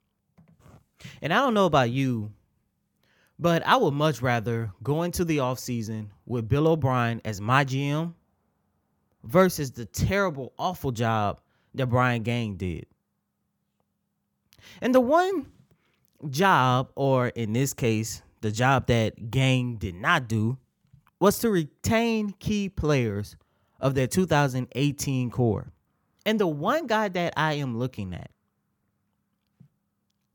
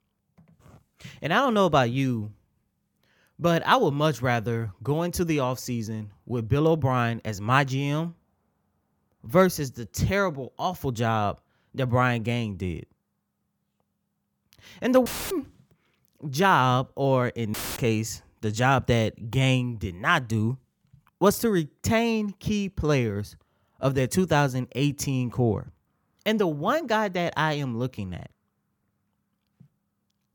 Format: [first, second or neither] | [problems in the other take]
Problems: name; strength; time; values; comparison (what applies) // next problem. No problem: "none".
first | audio cutting out; filled with static; at 15 s and at 18 s